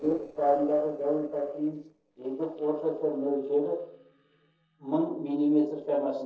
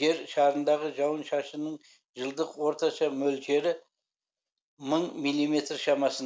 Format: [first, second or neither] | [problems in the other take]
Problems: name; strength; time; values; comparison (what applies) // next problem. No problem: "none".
second | noise reduction (neural separator model SepFormer DNS4)